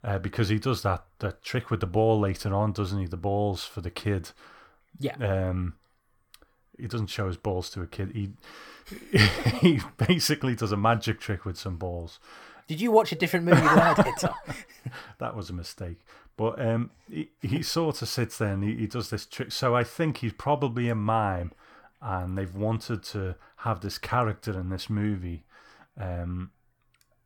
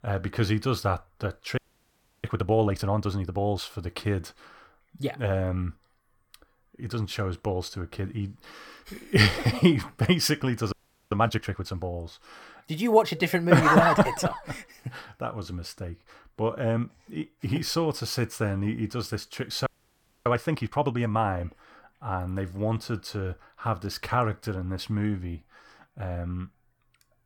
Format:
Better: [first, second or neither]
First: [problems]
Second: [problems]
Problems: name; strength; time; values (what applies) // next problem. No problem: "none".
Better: first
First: none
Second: audio freezing; at 1.5 s for 0.5 s, at 11 s and at 20 s for 0.5 s